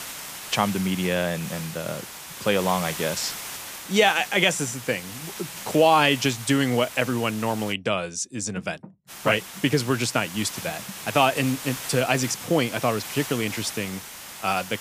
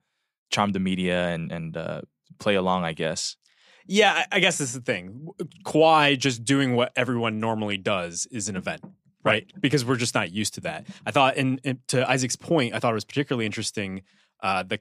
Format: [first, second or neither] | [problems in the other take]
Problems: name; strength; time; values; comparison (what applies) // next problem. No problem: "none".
second | hiss; noticeable; until 7.5 s and from 9 s on; 10 dB below the speech